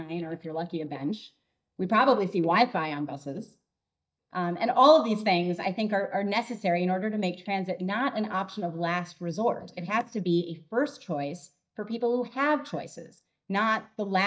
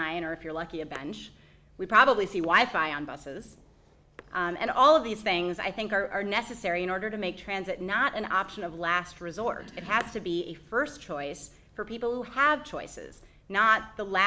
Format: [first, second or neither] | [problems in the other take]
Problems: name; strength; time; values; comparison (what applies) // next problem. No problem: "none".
second | noise reduction (neural mask model DeepFilterNet 3)